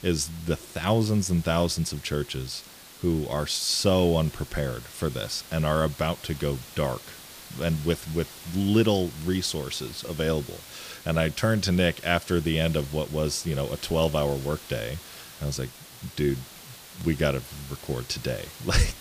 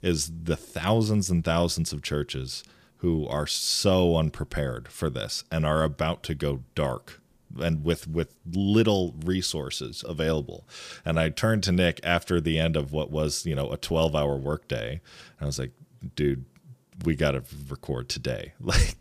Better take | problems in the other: second | hiss; noticeable; throughout; 15 dB below the speech

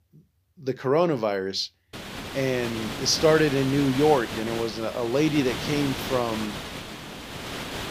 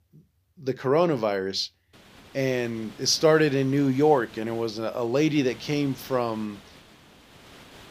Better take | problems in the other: second | hiss; loud; from 2 s on; 8 dB below the speech; faint in the second

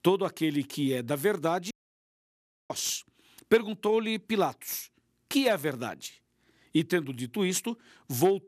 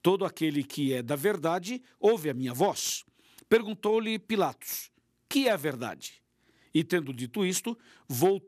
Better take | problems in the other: second | audio cutting out; at 1.5 s for 1 s

